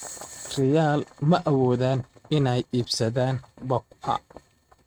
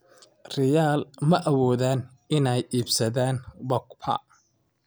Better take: second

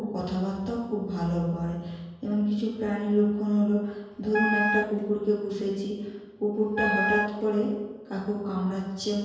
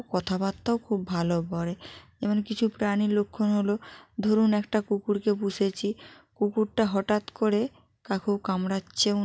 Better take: second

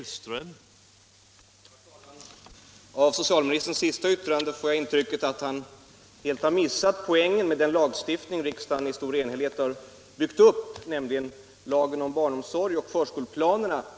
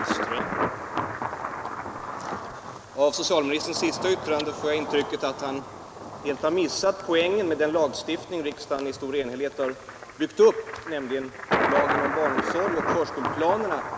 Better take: first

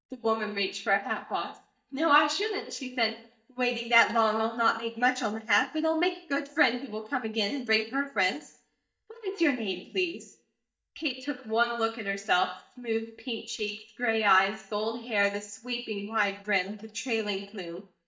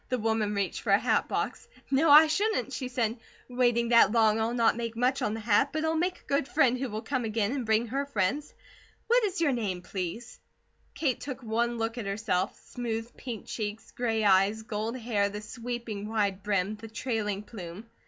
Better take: second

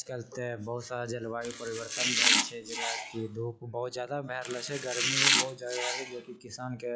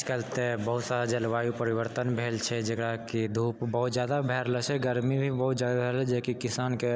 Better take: second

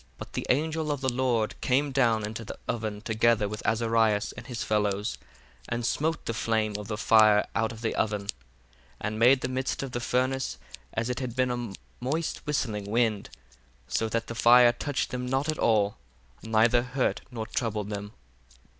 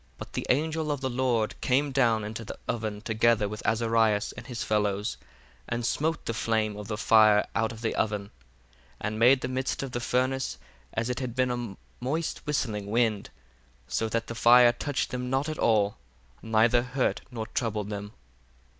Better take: second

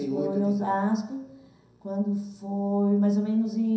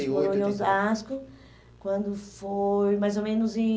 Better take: second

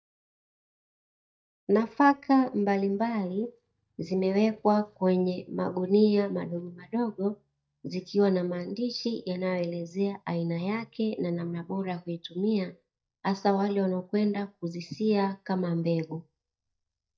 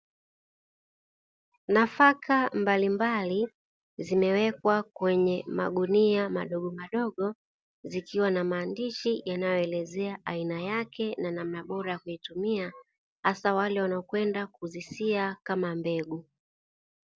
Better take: second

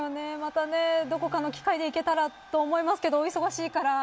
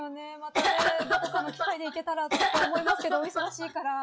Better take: first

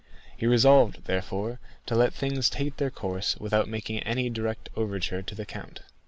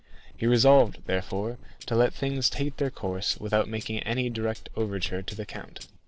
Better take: first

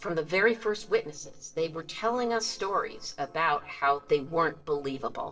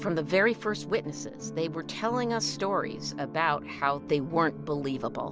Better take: second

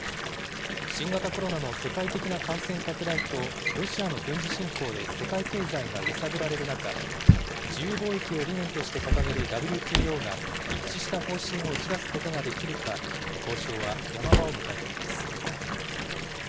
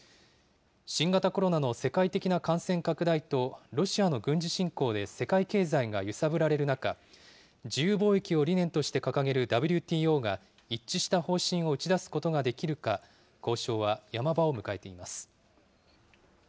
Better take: second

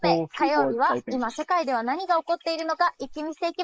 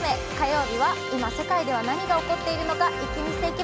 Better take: second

